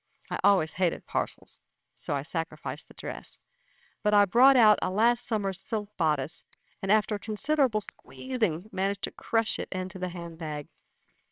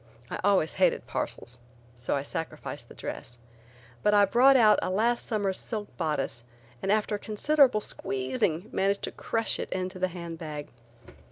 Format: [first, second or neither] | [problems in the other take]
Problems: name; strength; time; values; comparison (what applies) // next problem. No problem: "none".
second | noise reduction (neural separator model SepFormer WHAMR!)